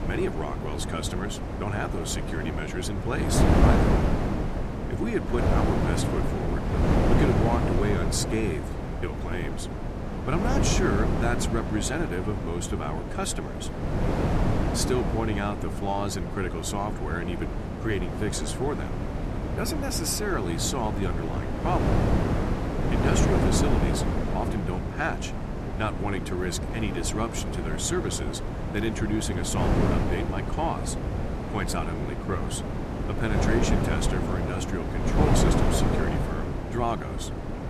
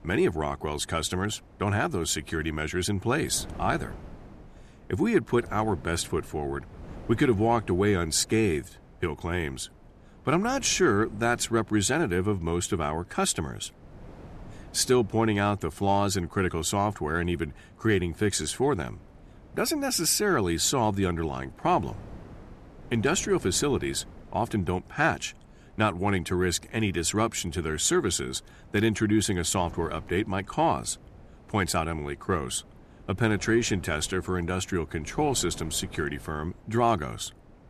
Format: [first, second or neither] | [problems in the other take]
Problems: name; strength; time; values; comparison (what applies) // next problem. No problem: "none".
second | wind noise on the microphone; heavy; as loud as the speech; occasional gusts in the second